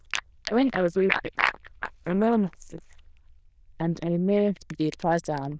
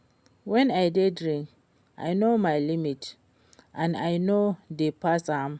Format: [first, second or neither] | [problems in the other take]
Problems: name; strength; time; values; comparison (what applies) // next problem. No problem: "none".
second | noise reduction (neural diffusion model UNIVERSE++)